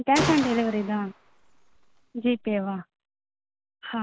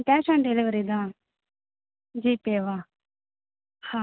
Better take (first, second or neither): second